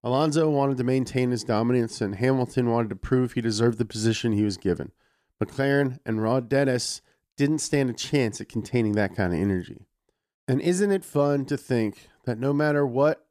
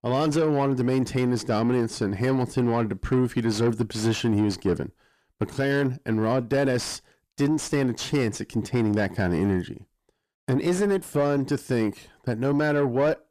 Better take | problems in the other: first | distortion; slight; 10 dB below the speech

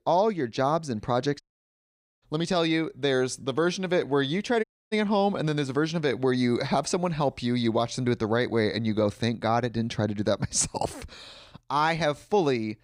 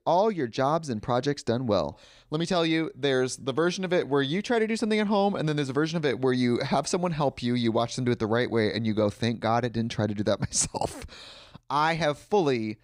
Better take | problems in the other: second | audio cutting out; at 1.5 s for 1 s and at 4.5 s

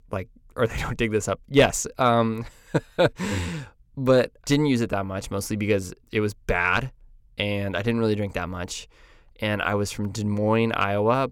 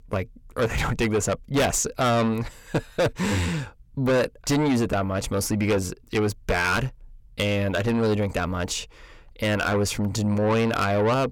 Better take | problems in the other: first | distortion; heavy; 7 dB below the speech

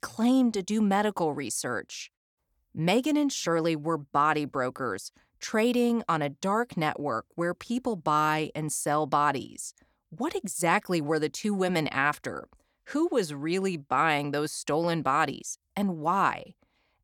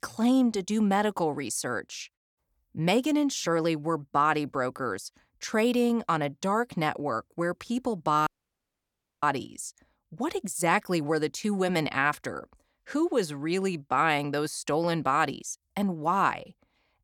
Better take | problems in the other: first | audio cutting out; at 8.5 s for 1 s

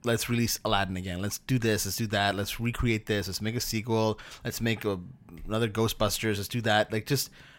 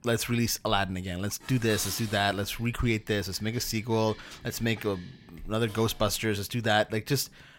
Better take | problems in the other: first | clattering dishes; noticeable; from 1.5 to 6 s; peak 8 dB below the speech

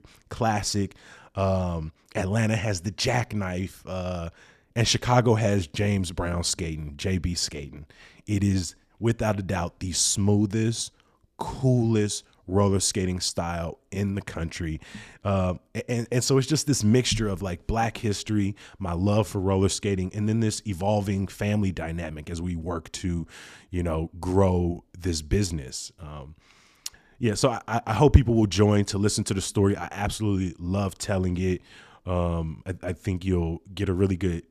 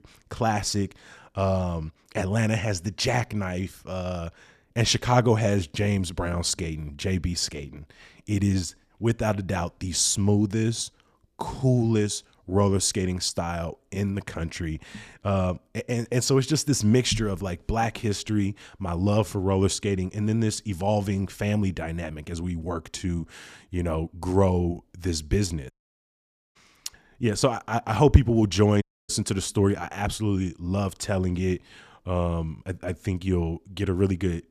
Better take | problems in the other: first | audio cutting out; at 26 s for 1 s and at 29 s

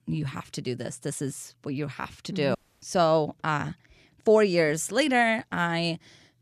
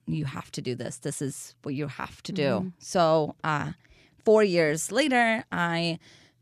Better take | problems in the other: second | audio cutting out; at 2.5 s

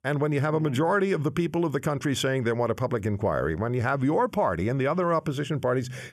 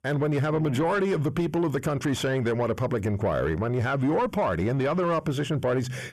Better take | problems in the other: first | distortion; slight; 10 dB below the speech

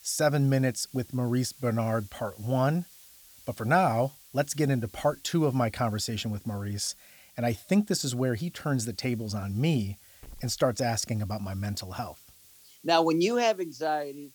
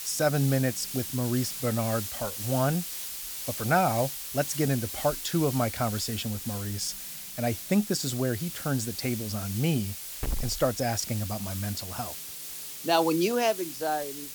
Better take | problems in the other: first | hiss; loud; throughout; 6 dB below the speech; faint in the first

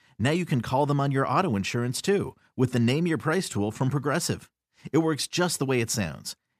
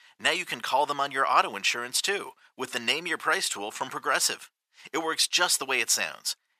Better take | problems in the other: first | thin; very; fading below 850 Hz

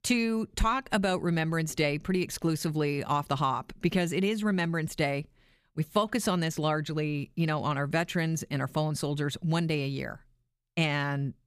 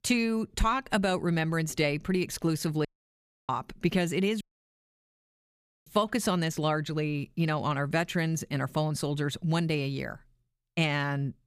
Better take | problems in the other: first | audio cutting out; at 3 s for 0.5 s and at 4.5 s for 1.5 s

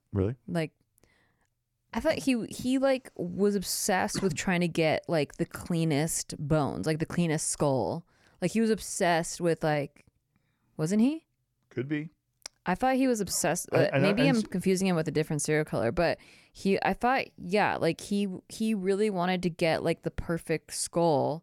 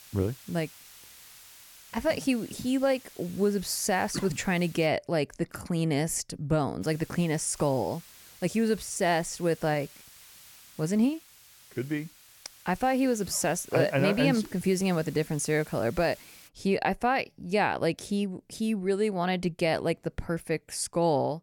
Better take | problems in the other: first | hiss; faint; until 5 s and from 7 to 16 s; 20 dB below the speech

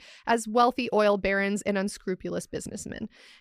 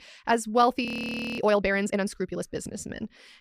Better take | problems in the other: first | audio freezing; at 1 s for 0.5 s

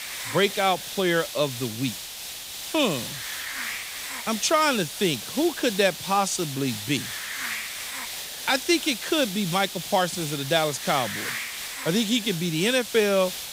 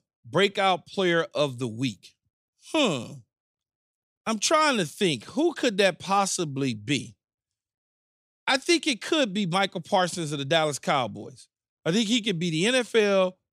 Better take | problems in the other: second | hiss; loud; throughout; 7 dB below the speech

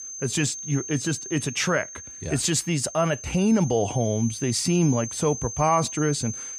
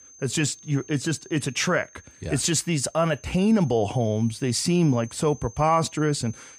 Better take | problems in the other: second | high-pitched whine; loud; throughout; 6.5 kHz, 10 dB below the speech; faint in the second

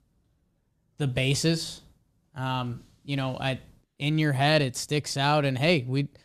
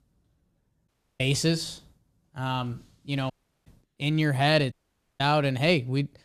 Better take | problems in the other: first | audio cutting out; at 1 s, at 3.5 s and at 4.5 s

